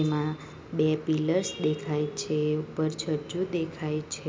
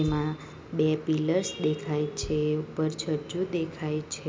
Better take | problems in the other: first | background sound (Bass drum); 19 dB below the speech

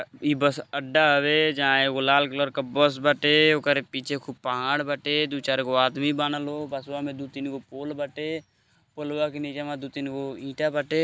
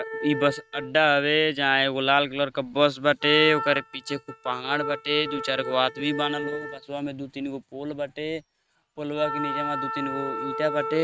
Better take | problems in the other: first | noise reduction (neural mask model RNNoise)

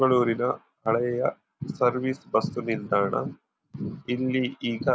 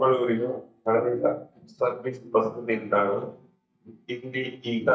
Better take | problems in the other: first | noise reduction (neural mask model DeepFilterNet 3)

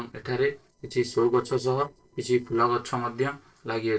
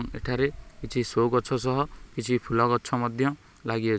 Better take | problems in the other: second | noise reduction (neural separator model SepFormer DNS4)

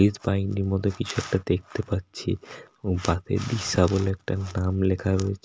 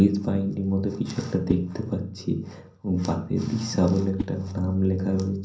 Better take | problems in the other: first | background sound (Whoosh, swoosh, swish); 16 dB below the speech // room echo; dies away in 0.6 s

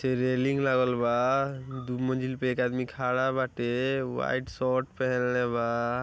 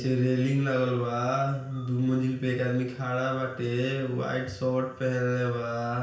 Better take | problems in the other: first | room echo; dies away in 0.5 s

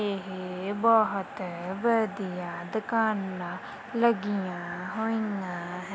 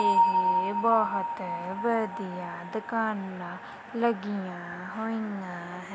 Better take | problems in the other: first | background sound (Bell); as loud as the speech

